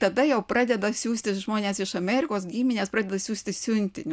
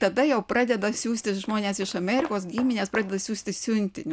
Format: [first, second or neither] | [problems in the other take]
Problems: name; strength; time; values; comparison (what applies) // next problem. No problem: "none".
first | background sound (Walk, footsteps); 17 dB below the speech